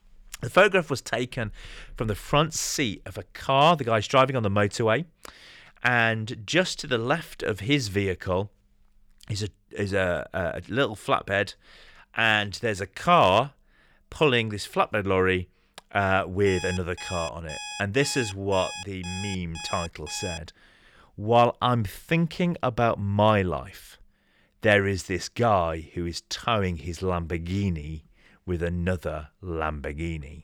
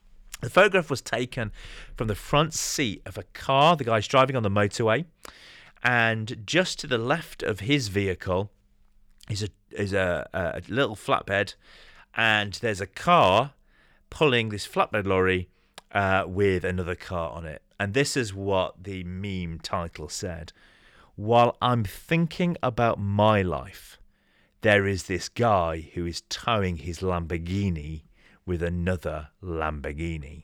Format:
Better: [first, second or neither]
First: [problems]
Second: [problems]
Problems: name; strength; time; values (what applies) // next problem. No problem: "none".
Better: second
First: alarm; noticeable; from 16 to 20 s; peak 10 dB below the speech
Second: none